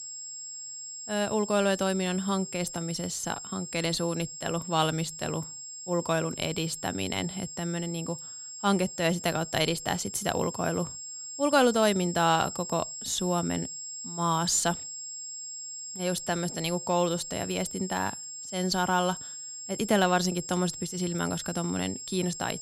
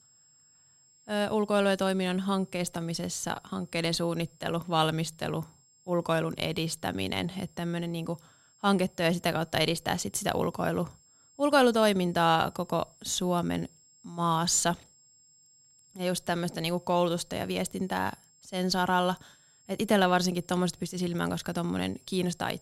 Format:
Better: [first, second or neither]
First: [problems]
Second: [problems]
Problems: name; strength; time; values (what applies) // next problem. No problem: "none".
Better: second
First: high-pitched whine; loud; throughout; 7.5 kHz, 8 dB below the speech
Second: high-pitched whine; faint; throughout; 7.5 kHz, 30 dB below the speech